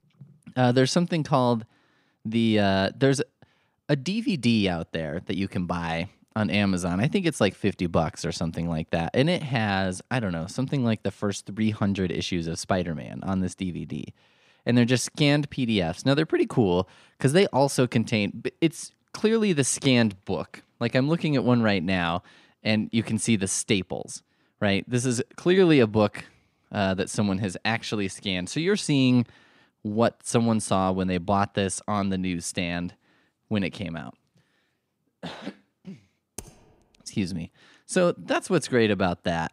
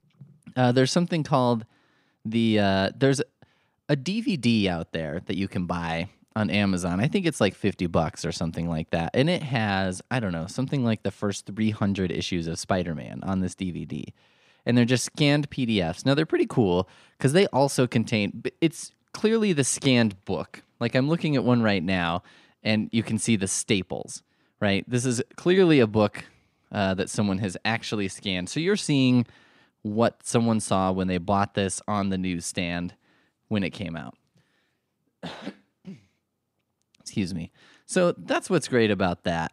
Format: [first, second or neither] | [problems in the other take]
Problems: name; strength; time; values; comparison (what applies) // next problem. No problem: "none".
second | keyboard typing; faint; at 36 s; peak 15 dB below the speech